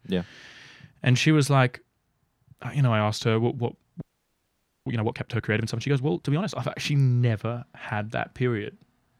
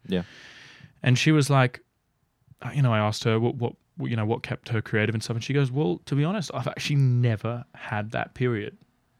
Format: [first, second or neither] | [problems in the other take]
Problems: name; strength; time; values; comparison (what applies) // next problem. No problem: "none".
second | audio freezing; at 4 s for 1 s